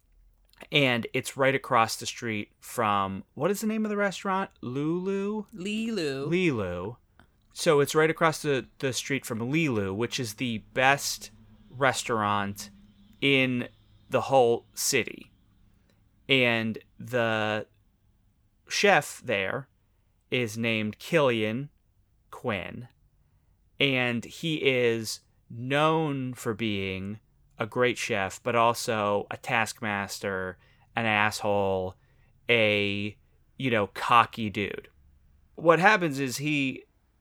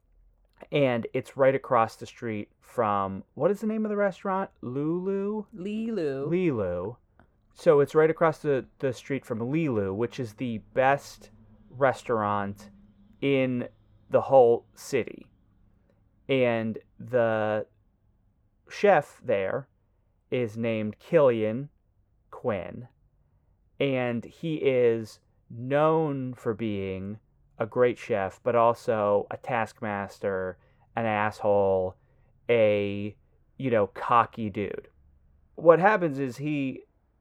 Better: first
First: none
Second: muffled; very; fading above 2 kHz

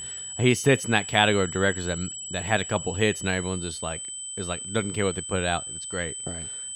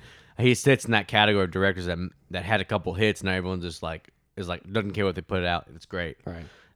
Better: second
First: high-pitched whine; loud; throughout; 8 kHz, 7 dB below the speech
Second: none

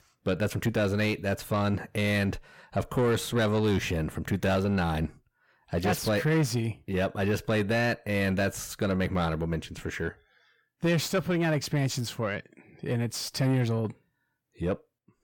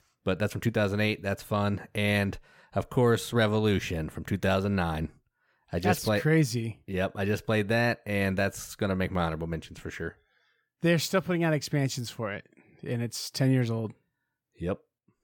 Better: second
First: distortion; slight; 10 dB below the speech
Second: none

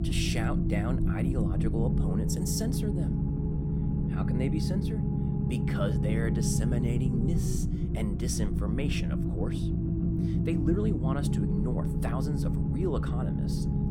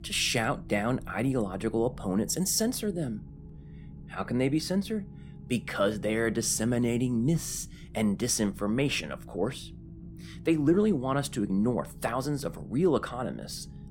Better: second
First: low rumble; loud; throughout; as loud as the speech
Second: low rumble; faint; throughout; 25 dB below the speech

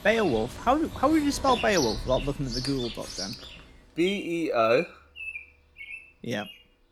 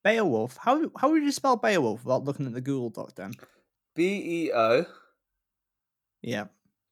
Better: second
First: animal sounds; noticeable; throughout; 10 dB below the speech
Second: none

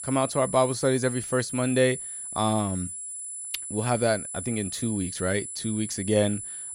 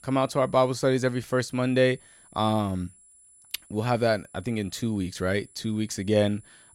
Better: second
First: high-pitched whine; loud; throughout; 10 kHz, 7 dB below the speech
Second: high-pitched whine; faint; throughout; 10 kHz, 25 dB below the speech

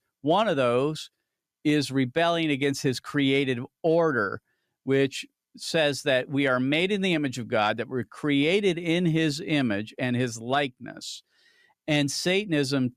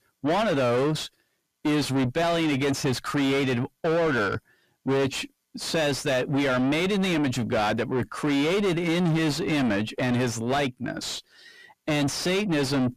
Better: first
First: none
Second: distortion; heavy; 6 dB below the speech

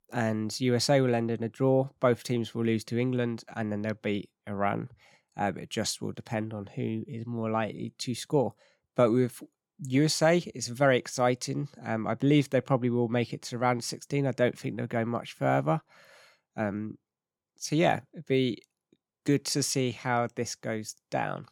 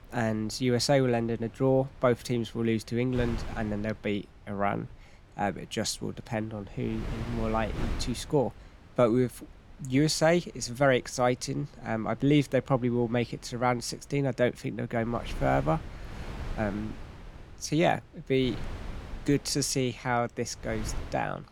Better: first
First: none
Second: wind noise on the microphone; occasional gusts; 20 dB below the speech

